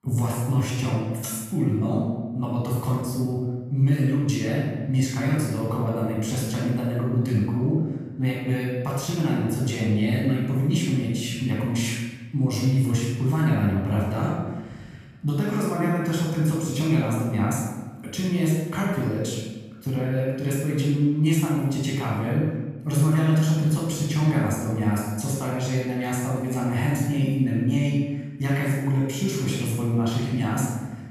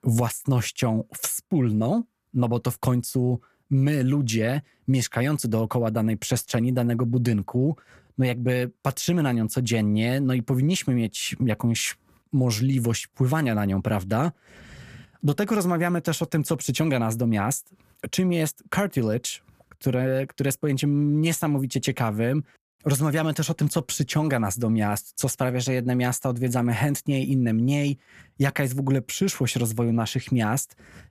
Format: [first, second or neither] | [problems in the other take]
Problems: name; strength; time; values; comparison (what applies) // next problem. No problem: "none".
second | off-mic speech; far // room echo; strong; dies away in 1.1 s